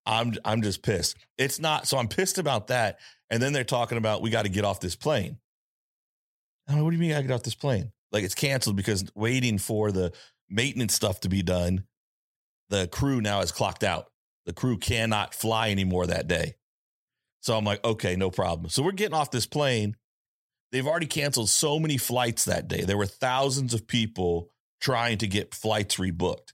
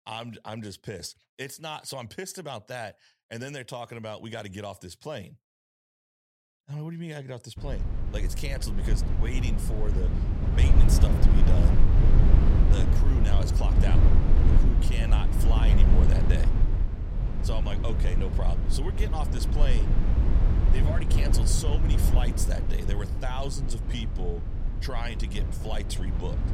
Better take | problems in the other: first | low rumble; loud; from 7.5 s on; 1 dB below the speech

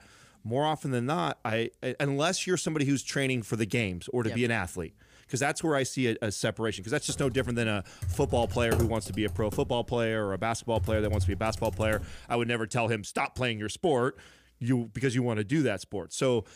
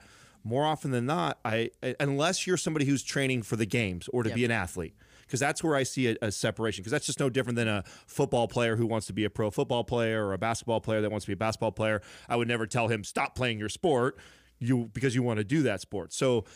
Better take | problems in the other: second | keyboard typing; noticeable; from 7 to 12 s; peak 1 dB below the speech

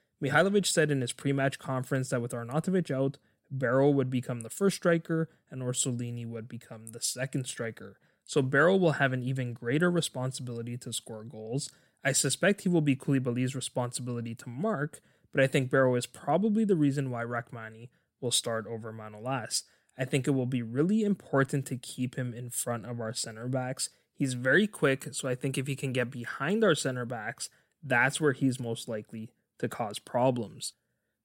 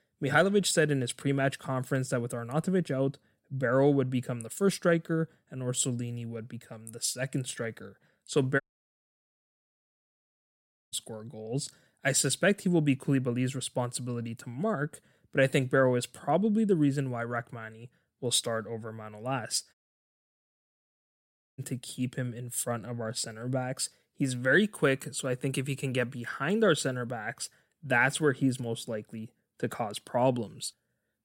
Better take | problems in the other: first | audio cutting out; at 8.5 s for 2.5 s and at 20 s for 2 s

